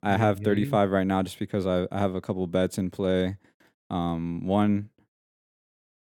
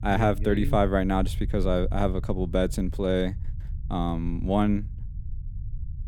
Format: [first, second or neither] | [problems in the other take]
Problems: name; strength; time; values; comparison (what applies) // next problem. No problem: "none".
first | low rumble; faint; throughout; 25 dB below the speech